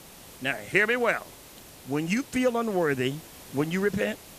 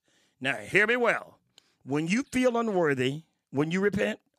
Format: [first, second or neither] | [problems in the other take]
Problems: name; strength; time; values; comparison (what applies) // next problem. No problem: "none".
second | hiss; noticeable; throughout; 20 dB below the speech